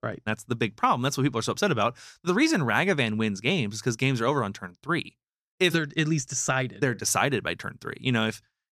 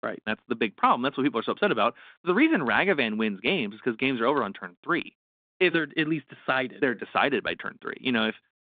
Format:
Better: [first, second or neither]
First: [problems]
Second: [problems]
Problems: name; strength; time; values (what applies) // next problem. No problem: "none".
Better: first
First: none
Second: phone-call audio; nothing above 3.5 kHz